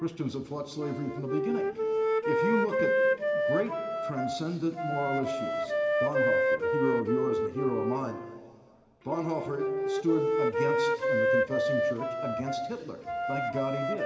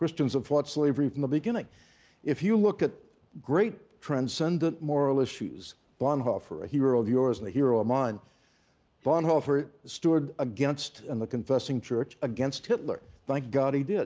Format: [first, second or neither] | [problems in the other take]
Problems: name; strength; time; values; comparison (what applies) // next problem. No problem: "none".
second | background sound (Wind instrument, woodwind instrument); 5 dB above the speech // room echo; dies away in 2 s